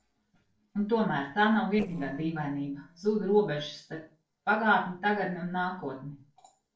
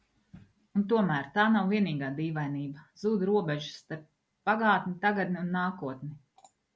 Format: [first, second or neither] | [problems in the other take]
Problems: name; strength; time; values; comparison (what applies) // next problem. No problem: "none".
second | noise reduction (neural separator model SepFormer DNS4)